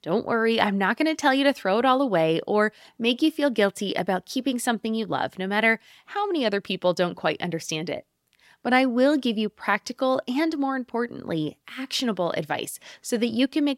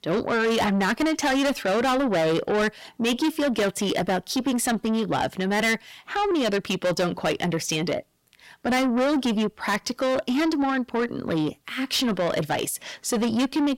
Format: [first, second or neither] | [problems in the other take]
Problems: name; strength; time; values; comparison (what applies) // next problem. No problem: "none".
first | distortion; heavy; 6 dB below the speech